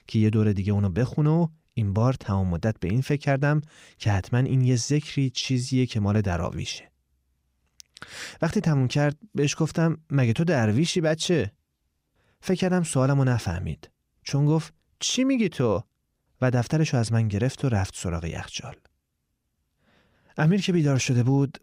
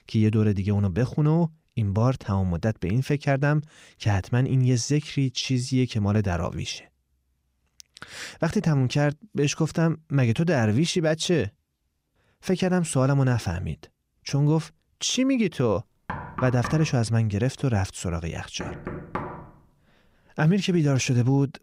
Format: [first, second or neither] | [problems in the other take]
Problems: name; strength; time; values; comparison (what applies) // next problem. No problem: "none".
first | door banging; noticeable; from 16 to 19 s; peak 9 dB below the speech